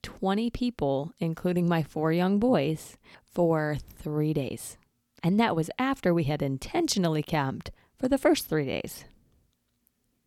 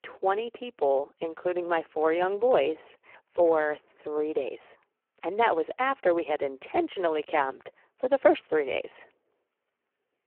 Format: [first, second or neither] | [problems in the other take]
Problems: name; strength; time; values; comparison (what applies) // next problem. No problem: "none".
first | phone-call audio; poor line